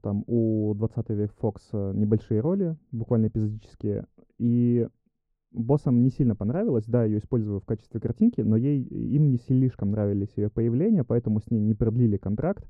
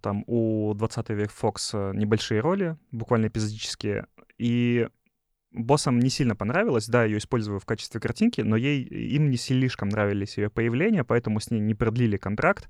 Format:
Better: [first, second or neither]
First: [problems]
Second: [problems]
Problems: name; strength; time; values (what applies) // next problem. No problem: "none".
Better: second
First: muffled; very; fading above 1 kHz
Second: none